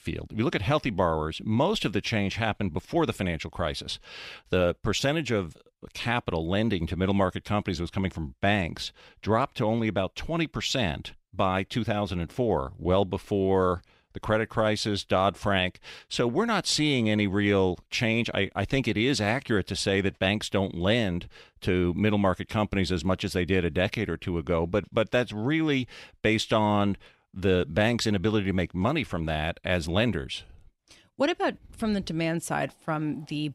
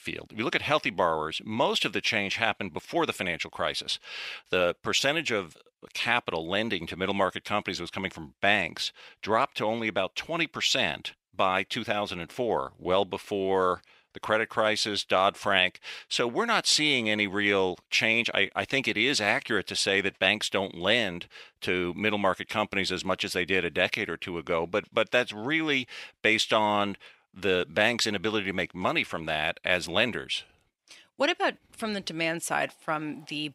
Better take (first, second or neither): first